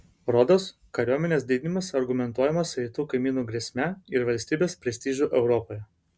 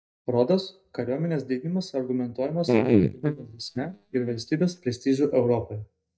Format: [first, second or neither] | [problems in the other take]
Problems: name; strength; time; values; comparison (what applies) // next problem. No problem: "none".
first | noise reduction (neural mask model DeepFilterNet 3)